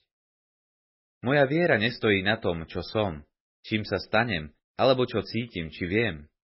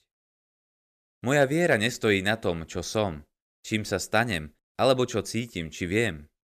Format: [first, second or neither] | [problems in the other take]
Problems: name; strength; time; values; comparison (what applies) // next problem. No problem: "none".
second | garbled, watery; badly; nothing above 5.5 kHz